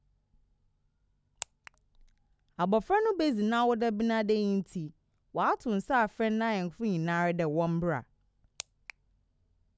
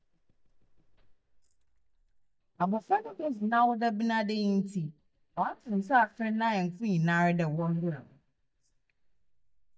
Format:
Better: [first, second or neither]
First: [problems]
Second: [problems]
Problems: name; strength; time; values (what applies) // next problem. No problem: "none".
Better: first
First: none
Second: noise reduction (neural mask model DeepFilterNet 3)